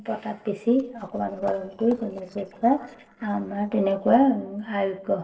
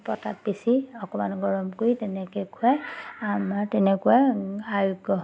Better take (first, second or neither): second